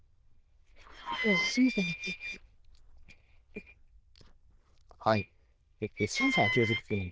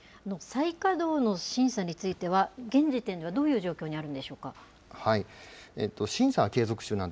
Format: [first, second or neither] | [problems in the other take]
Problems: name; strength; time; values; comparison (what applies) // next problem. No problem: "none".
second | noise reduction (neural diffusion model UNIVERSE++)